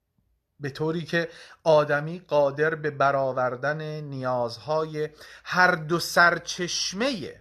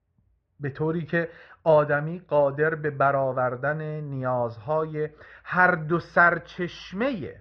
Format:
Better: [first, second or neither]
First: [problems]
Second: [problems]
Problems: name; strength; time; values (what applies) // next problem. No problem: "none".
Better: first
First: none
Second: muffled; very; fading above 2.5 kHz